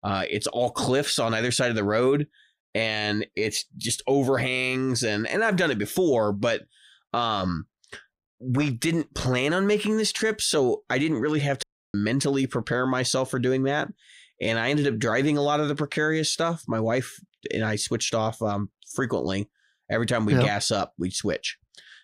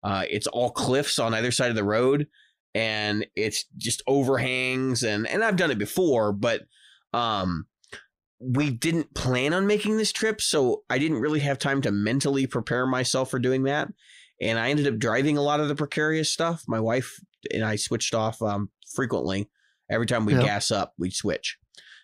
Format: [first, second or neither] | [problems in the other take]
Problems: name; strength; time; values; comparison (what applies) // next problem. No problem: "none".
second | audio cutting out; at 12 s